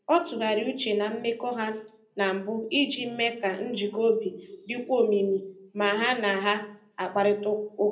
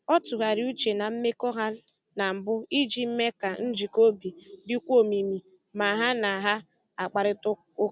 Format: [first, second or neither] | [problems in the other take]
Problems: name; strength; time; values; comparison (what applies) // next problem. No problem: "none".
second | room echo; dies away in 0.4 s